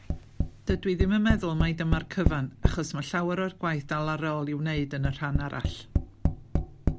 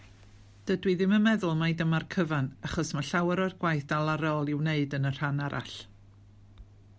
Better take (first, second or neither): second